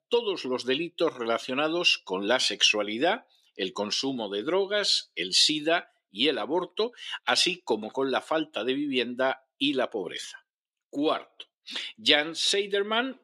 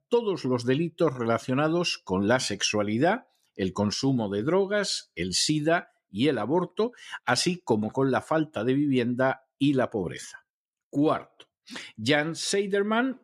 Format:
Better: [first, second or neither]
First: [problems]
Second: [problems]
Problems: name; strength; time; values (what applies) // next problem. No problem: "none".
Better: second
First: thin; very slightly; fading below 350 Hz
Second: none